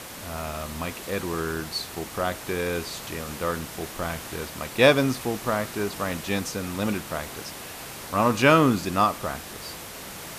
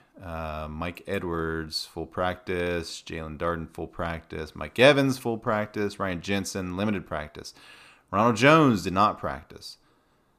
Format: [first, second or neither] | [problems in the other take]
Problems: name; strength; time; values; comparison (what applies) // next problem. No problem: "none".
second | hiss; noticeable; throughout; 10 dB below the speech